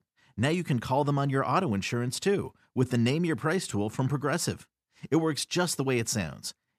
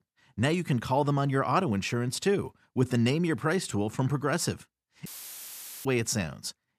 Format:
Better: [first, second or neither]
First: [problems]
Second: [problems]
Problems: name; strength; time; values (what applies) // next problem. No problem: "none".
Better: first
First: none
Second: audio cutting out; filled with static; at 5 s for 1 s